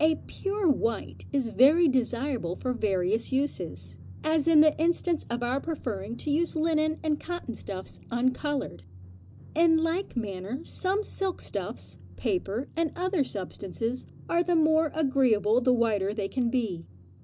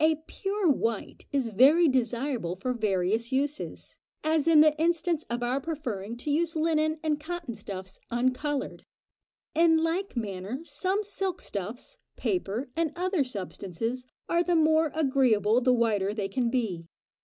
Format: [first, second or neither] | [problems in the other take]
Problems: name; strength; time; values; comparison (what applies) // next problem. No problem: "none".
second | background sound (Drum); 18 dB below the speech